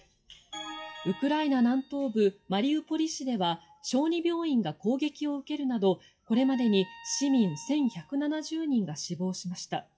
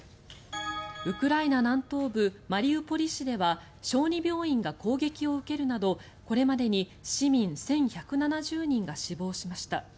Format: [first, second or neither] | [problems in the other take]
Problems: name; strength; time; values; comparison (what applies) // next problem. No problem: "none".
second | noise reduction (classical method WPE with log-MMSE)